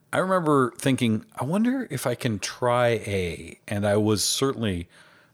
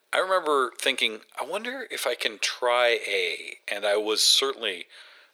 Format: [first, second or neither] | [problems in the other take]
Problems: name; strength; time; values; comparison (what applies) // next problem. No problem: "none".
first | thin; very; fading below 450 Hz